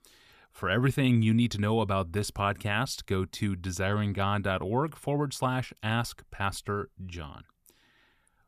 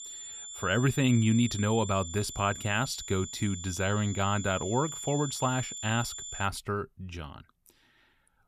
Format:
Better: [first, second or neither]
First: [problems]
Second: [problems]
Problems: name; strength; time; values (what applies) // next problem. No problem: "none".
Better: first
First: none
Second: high-pitched whine; loud; until 6.5 s; 7 kHz, 9 dB below the speech